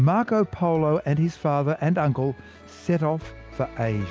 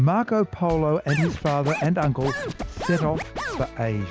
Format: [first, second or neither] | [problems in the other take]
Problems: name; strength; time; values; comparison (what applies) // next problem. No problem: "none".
first | background sound (Scratching (performance technique)); 8 dB below the speech